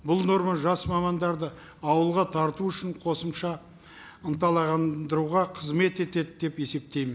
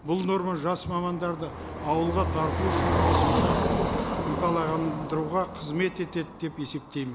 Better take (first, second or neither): first